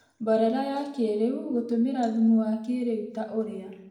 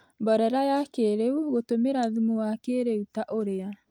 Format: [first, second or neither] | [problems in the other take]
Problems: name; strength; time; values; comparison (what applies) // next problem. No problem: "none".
second | room echo; dies away in 0.8 s